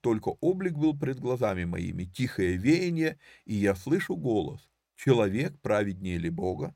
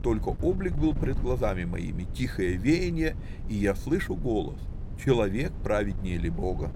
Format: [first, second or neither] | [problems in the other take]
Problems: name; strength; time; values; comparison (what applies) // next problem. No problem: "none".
first | wind noise on the microphone; occasional gusts; 20 dB below the speech